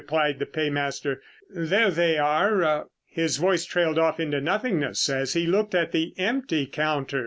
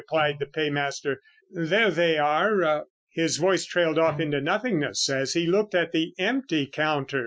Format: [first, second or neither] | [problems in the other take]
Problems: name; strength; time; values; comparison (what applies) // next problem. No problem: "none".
first | noise reduction (classical method Wiener filter)